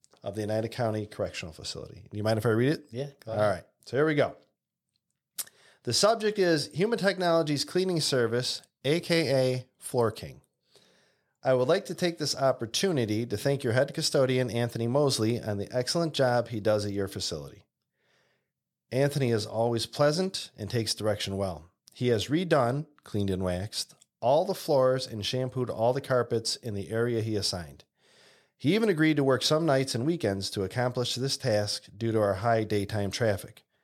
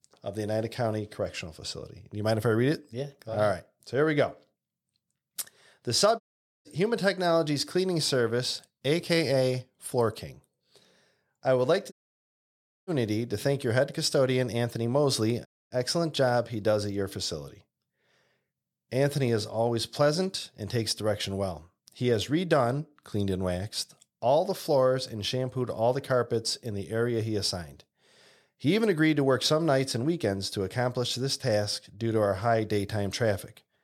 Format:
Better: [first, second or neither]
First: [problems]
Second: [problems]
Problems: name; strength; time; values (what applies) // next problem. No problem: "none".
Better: first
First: none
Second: audio cutting out; at 6 s, at 12 s for 1 s and at 15 s